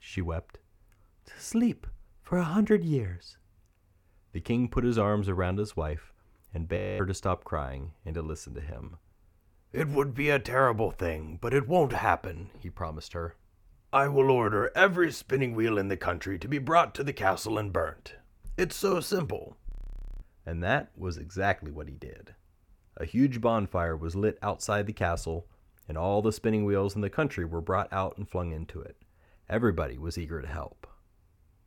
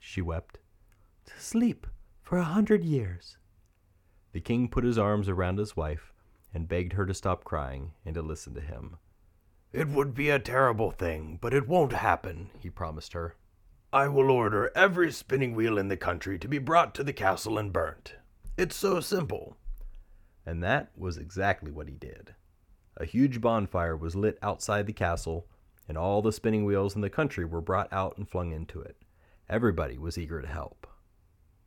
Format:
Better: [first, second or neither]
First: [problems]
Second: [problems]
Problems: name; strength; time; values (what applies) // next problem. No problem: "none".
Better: second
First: audio freezing; at 7 s and at 20 s for 0.5 s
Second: none